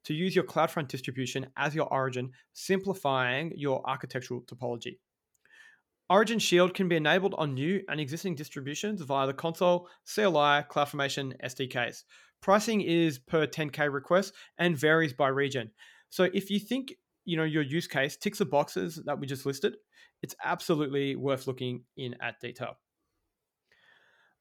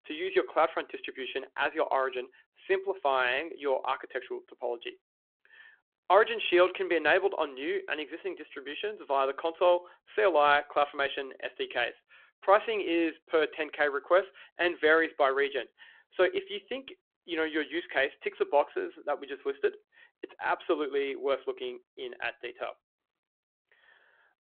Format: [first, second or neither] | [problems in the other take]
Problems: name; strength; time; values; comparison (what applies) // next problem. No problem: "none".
first | phone-call audio